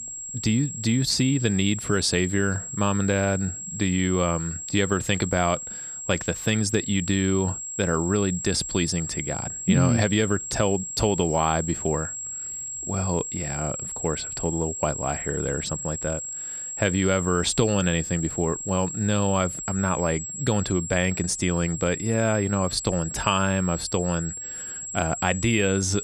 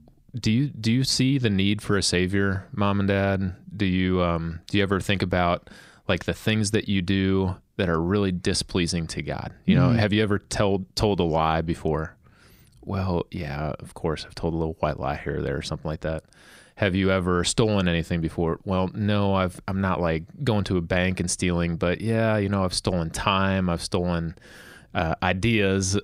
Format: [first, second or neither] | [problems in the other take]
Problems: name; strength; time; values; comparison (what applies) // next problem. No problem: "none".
second | high-pitched whine; loud; throughout; 7.5 kHz, 6 dB below the speech